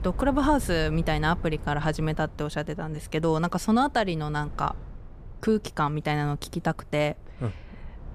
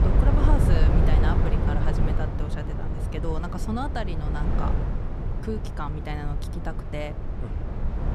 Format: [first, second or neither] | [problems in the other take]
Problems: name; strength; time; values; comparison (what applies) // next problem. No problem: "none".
first | low rumble; loud; throughout; 1 dB below the speech; faint in the first